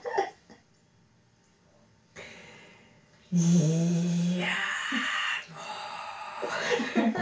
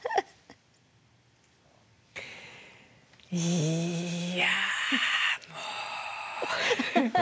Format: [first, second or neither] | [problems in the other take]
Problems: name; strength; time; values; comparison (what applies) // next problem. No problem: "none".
second | room echo; dies away in 0.2 s